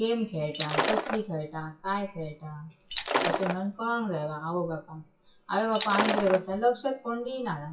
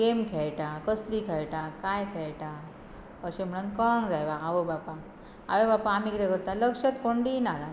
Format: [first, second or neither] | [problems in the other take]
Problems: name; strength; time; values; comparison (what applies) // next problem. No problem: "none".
second | noise reduction (classical method WPE with log-MMSE)